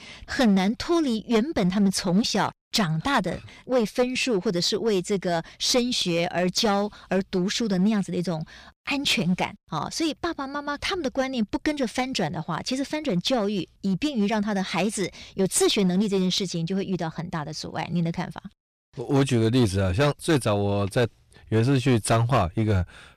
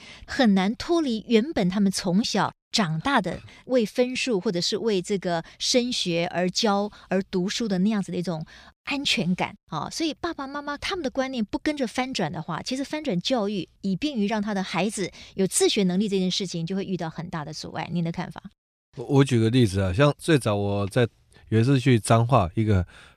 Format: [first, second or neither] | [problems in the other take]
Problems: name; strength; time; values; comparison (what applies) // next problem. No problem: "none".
second | distortion; slight; 6% of the sound clipped